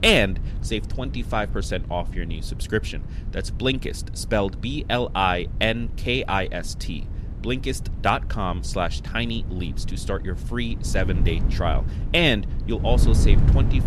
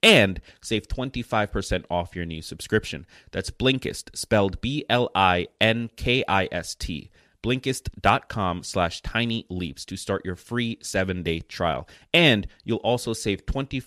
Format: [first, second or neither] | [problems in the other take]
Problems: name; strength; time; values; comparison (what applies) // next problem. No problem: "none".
second | wind noise on the microphone; occasional gusts; 15 dB below the speech